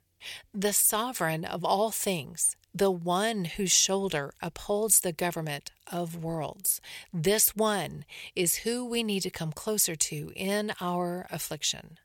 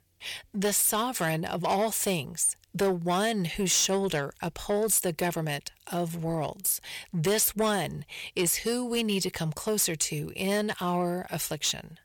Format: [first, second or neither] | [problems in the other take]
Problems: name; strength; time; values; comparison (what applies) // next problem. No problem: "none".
first | distortion; slight; 10 dB below the speech